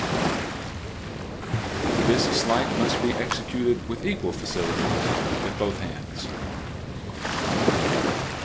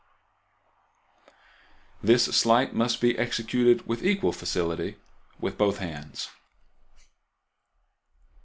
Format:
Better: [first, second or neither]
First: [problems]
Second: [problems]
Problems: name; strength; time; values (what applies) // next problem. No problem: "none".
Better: second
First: background sound (Waves, surf); 4 dB above the speech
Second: none